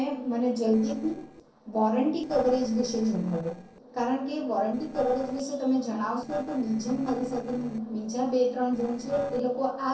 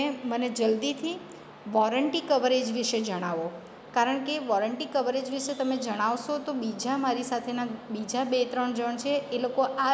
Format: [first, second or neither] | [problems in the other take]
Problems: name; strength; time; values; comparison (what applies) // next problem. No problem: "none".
second | noise reduction (neural separator model SepFormer DNS4)